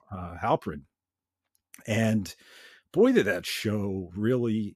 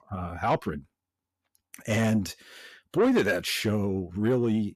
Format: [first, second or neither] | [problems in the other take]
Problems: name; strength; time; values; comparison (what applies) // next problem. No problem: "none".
first | distortion; slight; 10 dB below the speech